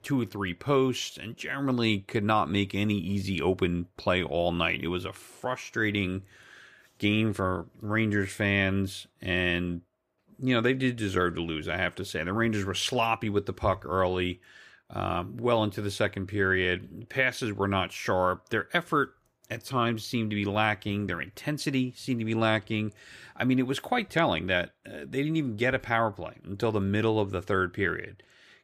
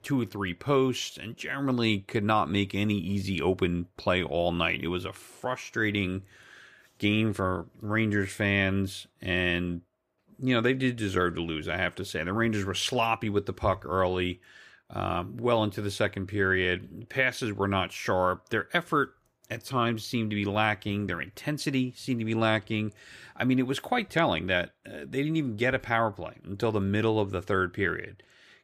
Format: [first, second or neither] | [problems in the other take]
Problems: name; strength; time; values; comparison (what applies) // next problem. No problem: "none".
neither | none